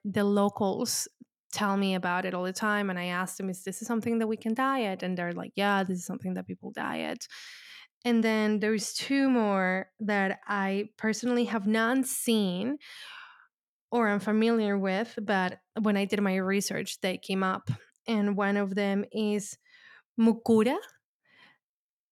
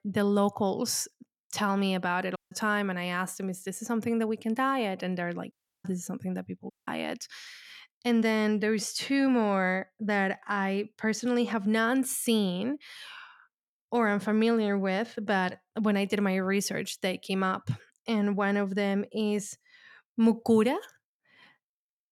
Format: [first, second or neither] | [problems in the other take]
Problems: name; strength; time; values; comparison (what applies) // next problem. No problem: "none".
first | audio cutting out; at 2.5 s, at 5.5 s and at 6.5 s